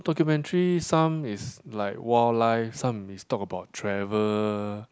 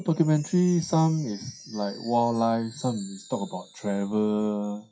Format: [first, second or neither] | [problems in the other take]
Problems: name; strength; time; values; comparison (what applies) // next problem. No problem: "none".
first | noise reduction (classical method WPE with log-MMSE)